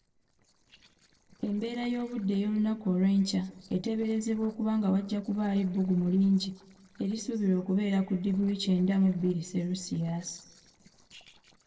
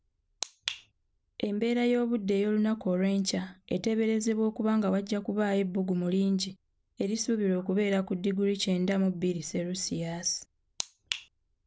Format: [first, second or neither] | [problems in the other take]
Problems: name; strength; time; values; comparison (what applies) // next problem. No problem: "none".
second | noise reduction (neural separator model SepFormer DNS4)